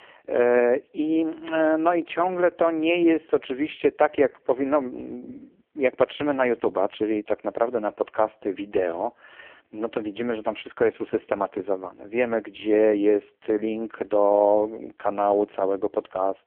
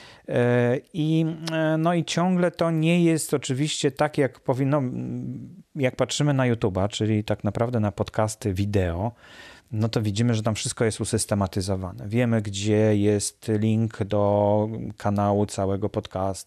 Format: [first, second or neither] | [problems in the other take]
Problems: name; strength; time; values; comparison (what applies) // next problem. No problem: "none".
second | phone-call audio; poor line